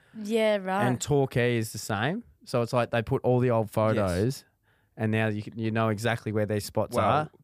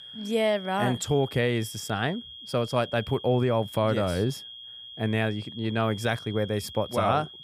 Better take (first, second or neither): first